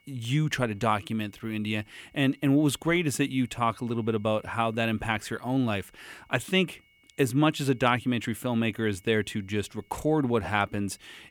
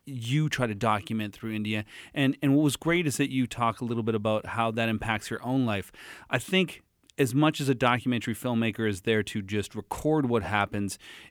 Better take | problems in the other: second | high-pitched whine; faint; throughout; 2 kHz, 35 dB below the speech

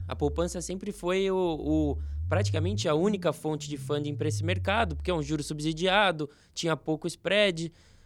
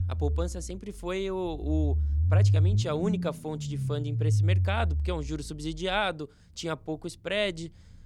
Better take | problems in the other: first | low rumble; loud; throughout; 9 dB below the speech; faint in the first

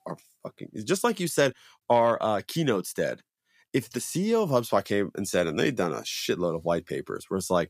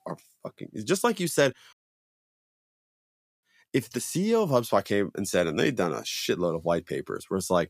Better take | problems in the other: first | audio cutting out; at 1.5 s for 1.5 s

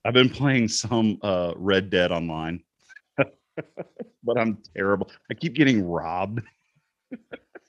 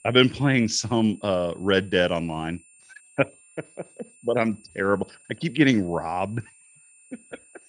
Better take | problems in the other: first | high-pitched whine; faint; throughout; 9 kHz, 30 dB below the speech

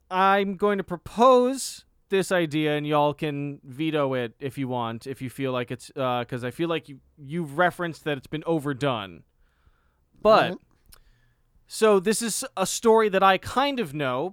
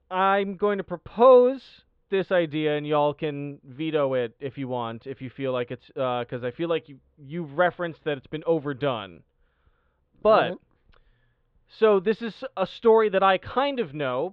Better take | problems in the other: first | muffled; very; fading above 3.5 kHz

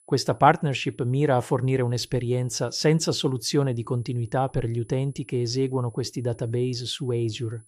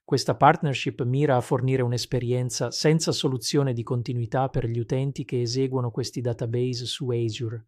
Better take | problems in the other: second | high-pitched whine; faint; throughout; 10 kHz, 30 dB below the speech

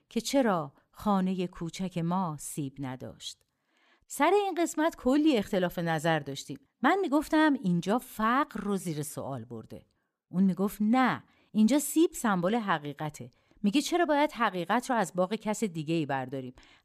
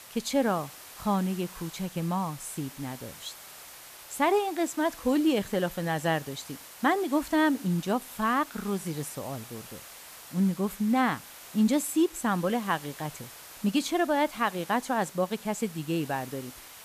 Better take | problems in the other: first | hiss; noticeable; throughout; 15 dB below the speech

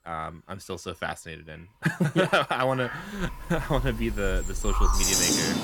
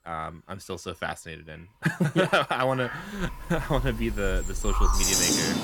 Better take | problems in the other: neither | animal sounds; very loud; throughout; 1 dB above the speech; the same in both

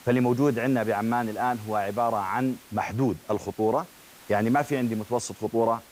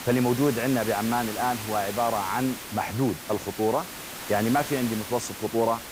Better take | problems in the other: first | hiss; loud; throughout; 8 dB below the speech; faint in the first

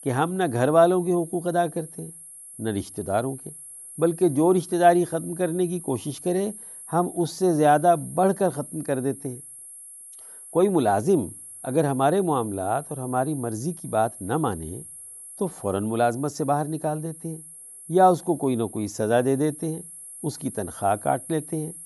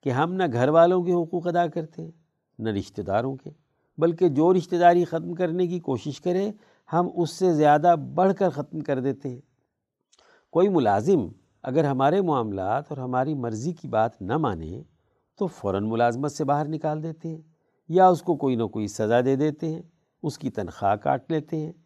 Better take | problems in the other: second | high-pitched whine; noticeable; throughout; 11 kHz, 15 dB below the speech

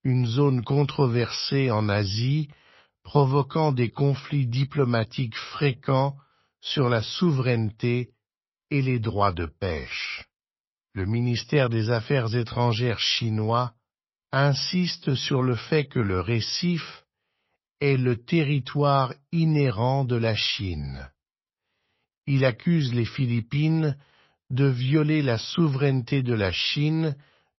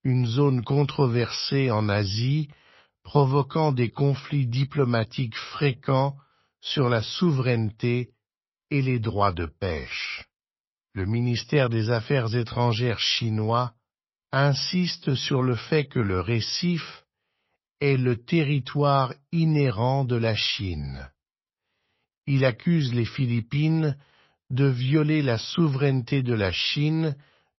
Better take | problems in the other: neither | garbled, watery; slightly; nothing above 5.5 kHz; the same in both

